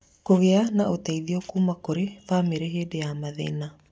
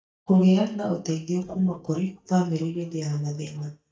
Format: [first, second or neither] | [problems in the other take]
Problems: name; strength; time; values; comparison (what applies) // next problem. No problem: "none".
first | noise reduction (neural mask model DeepFilterNet 3)